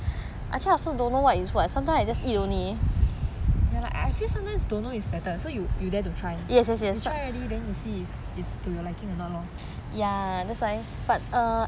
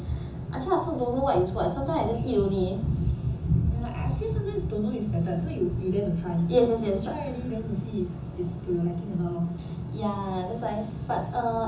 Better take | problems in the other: first | room echo; dies away in 0.6 s

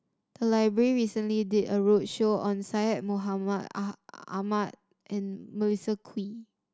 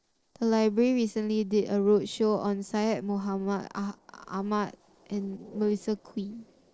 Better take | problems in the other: first | noise reduction (neural separator model SepFormer DNS4)

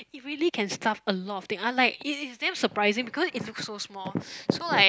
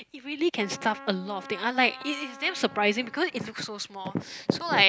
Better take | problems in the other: first | background sound (Trumpet); 18 dB below the speech

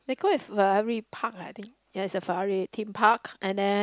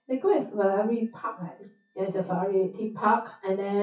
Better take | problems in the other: first | noise reduction (classical method WPE with log-MMSE)

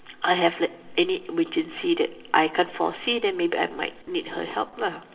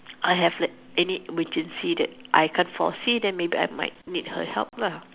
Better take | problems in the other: second | room echo; dies away in 2.2 s

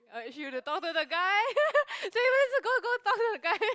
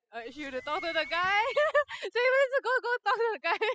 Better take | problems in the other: first | noise reduction (classical method spectral subtraction)

